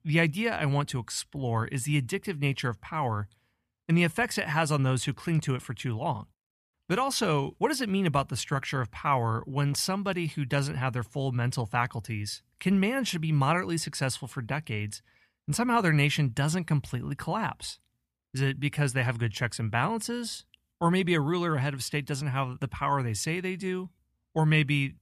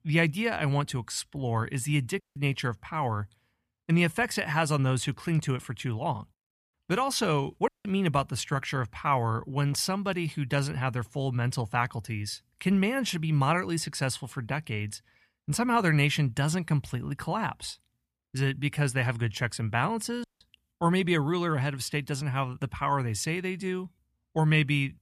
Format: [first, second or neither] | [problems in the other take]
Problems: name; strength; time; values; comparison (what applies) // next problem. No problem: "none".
first | audio cutting out; at 2 s, at 7.5 s and at 20 s